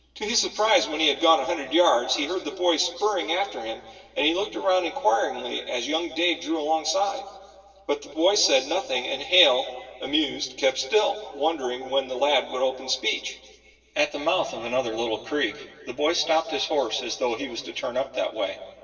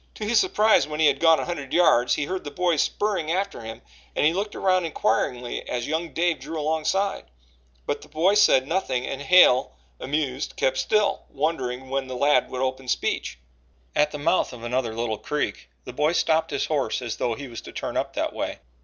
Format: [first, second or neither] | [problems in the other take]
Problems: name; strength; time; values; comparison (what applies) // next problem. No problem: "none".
second | room echo; dies away in 1.7 s